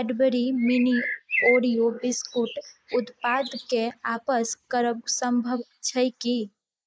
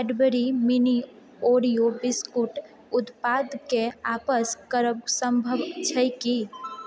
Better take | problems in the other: second | noise reduction (neural mask model Resemble Enhance denoiser)

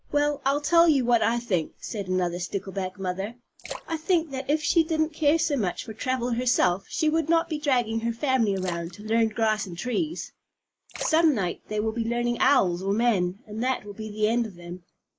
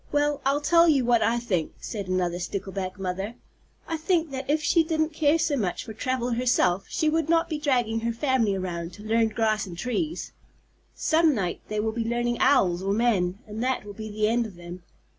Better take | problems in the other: second | noise reduction (neural mask model Resemble Enhance denoiser)

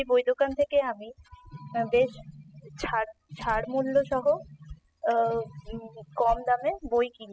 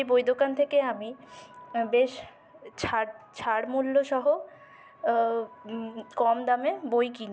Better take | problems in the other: second | noise reduction (classical method spectral subtraction)

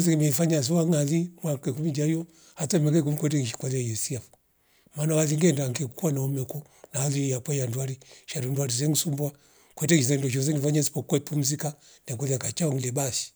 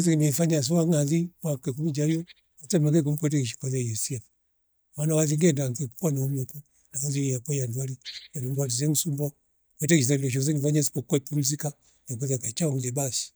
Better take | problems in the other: first | noise reduction (neural mask model DeepFilterNet 3)

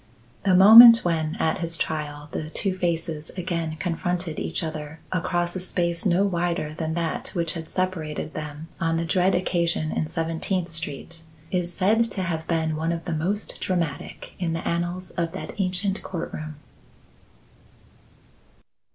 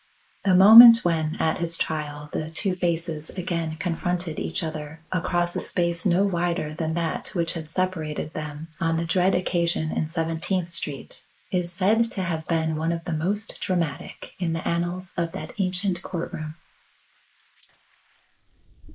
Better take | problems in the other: first | noise reduction (neural mask model Resemble Enhance denoiser)

